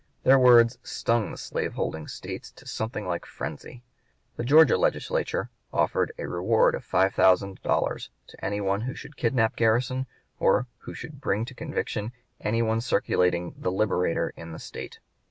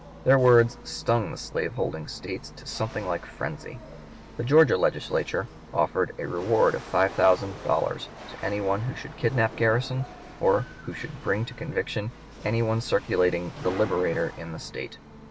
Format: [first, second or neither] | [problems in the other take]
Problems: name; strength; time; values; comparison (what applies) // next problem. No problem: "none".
first | background sound (Rattle / Chatter / Hiss / Engine / Mechanisms); 16 dB below the speech